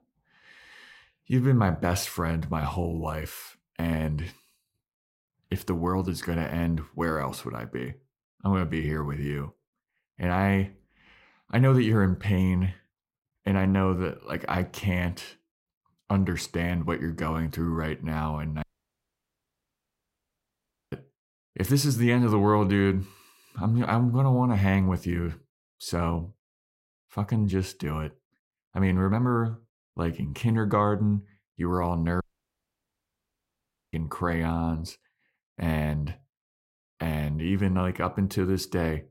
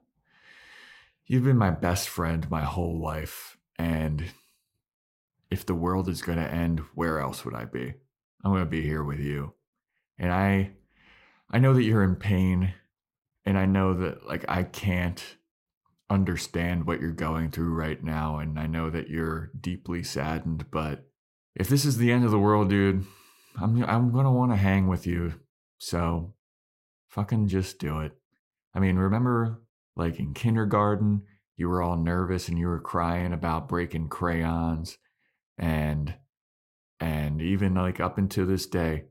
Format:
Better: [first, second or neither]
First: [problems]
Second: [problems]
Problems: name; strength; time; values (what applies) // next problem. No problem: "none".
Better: second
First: audio cutting out; at 19 s for 2.5 s and at 32 s for 1.5 s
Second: none